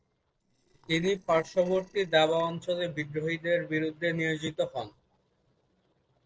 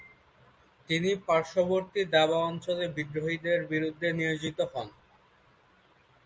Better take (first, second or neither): second